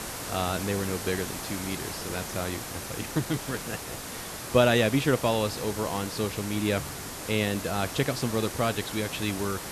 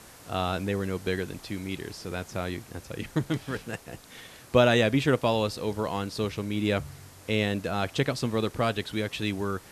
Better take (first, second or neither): second